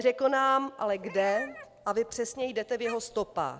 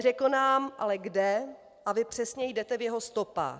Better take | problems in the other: second | background sound (Meow); 16 dB below the speech

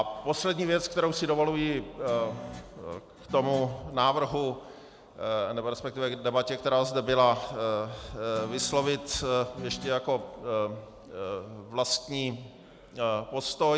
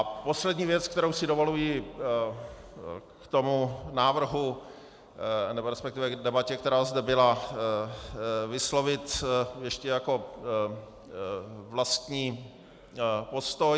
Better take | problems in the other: second | background sound (Guitar); 16 dB below the speech

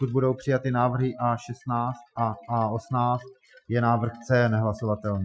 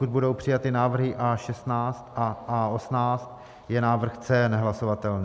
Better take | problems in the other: second | noise reduction (classical method Wiener filter)

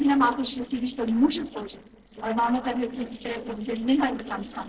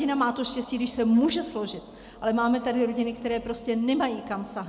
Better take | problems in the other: second | noise reduction (neural separator model SepFormer DNS4)

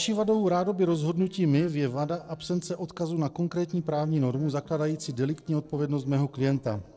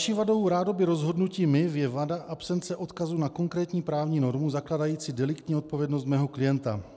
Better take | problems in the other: second | noise reduction (neural separator model SepFormer DNS4)

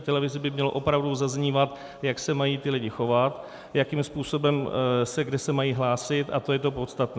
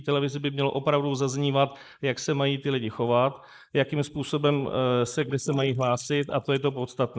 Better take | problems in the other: first | noise reduction (neural mask model Resemble Enhance denoiser)

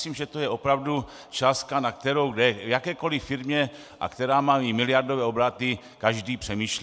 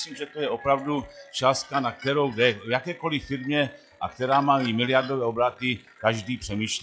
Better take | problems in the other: first | noise reduction (classical method log-MMSE)

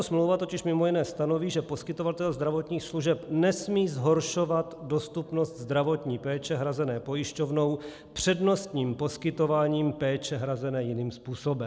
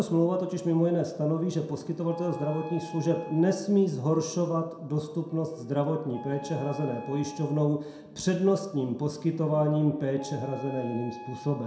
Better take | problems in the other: first | background sound (Wind instrument, woodwind instrument); 18 dB below the speech // room echo; dies away in 0.6 s

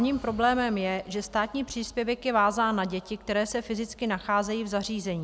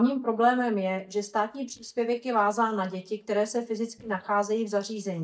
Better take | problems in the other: first | noise reduction (neural mask model DeepFilterNet 3)

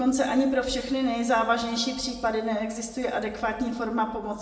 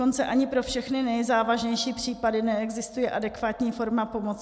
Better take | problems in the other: second | room echo; dies away in 0.7 s

